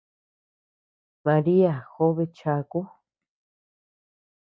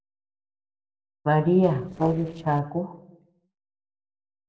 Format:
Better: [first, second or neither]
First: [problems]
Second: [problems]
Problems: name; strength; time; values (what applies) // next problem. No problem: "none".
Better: first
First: none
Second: noise reduction (neural separator model SepFormer DNS4)